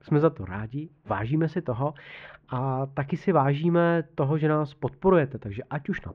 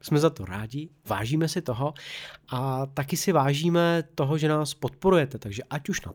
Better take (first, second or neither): second